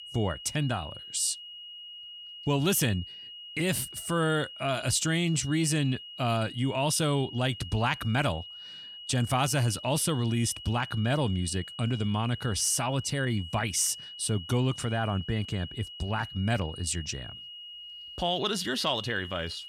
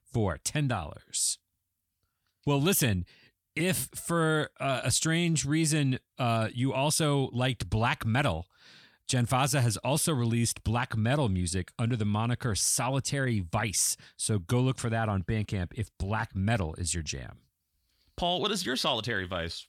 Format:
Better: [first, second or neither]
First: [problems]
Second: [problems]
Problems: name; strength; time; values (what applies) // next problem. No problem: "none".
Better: second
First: high-pitched whine; noticeable; throughout; 3 kHz, 10 dB below the speech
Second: none